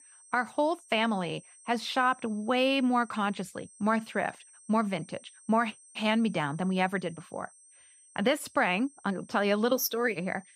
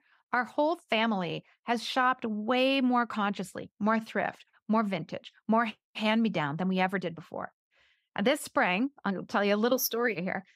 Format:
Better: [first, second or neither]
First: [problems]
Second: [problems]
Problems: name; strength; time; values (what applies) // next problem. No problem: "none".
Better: second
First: high-pitched whine; faint; throughout; 8.5 kHz, 25 dB below the speech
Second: none